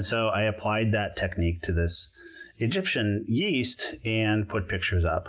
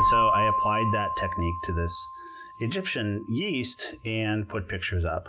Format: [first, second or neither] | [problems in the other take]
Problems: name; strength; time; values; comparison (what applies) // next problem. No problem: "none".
first | background sound (Keyboard (musical)); as loud as the speech